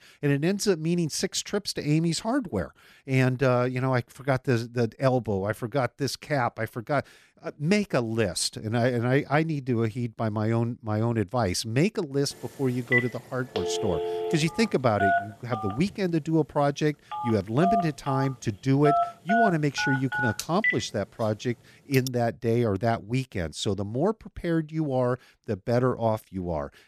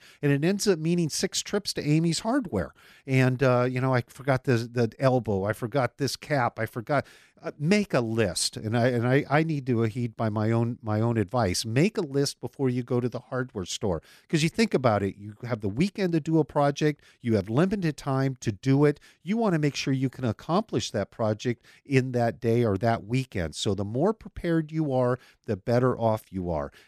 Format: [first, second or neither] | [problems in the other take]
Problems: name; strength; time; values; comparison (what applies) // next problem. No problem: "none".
second | phone ringing; loud; from 13 to 22 s; peak 2 dB above the speech